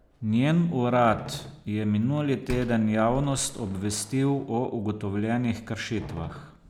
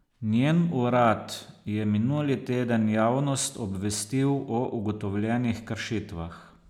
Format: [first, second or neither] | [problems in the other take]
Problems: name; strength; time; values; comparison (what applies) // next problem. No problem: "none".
second | background sound (Slam); 17 dB below the speech